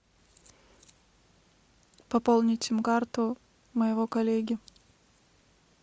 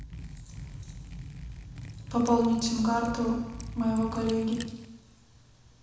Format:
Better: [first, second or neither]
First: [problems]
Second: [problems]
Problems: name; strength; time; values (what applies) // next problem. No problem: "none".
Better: first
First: none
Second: background sound (Liquid); 11 dB below the speech // room echo; dies away in 1 s